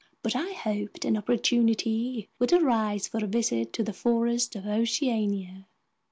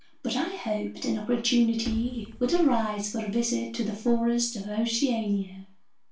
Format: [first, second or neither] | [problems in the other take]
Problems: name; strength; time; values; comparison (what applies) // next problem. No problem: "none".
first | background sound (Liquid); 19 dB below the speech // room echo; dies away in 0.3 s